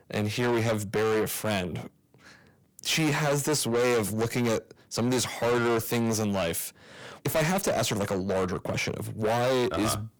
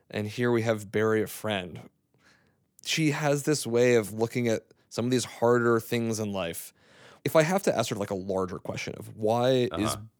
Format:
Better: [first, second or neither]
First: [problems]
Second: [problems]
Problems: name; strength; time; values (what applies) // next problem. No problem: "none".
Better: second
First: distortion; heavy; 6 dB below the speech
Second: none